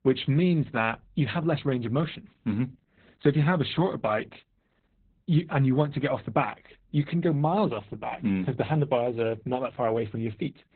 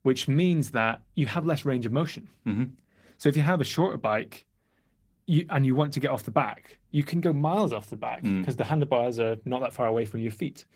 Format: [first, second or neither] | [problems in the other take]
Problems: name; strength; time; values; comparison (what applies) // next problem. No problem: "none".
second | garbled, watery; badly; nothing above 4 kHz; slightly in the second